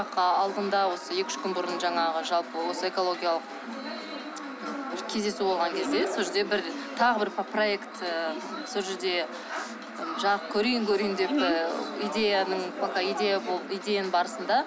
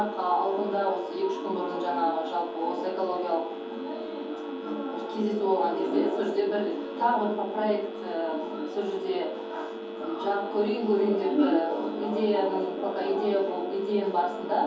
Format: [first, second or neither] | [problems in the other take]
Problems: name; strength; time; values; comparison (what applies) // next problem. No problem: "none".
first | background sound (Telephone); 10 dB below the speech // room echo; dies away in 0.6 s